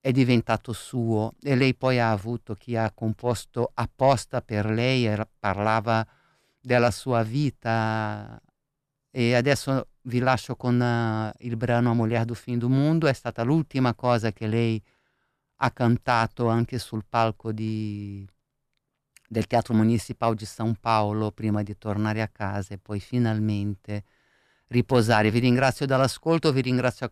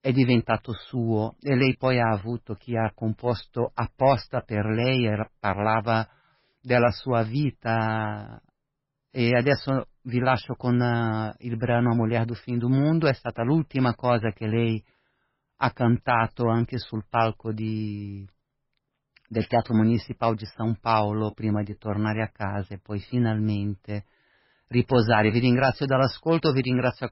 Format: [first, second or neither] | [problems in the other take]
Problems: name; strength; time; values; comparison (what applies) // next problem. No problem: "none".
first | garbled, watery; badly; nothing above 5.5 kHz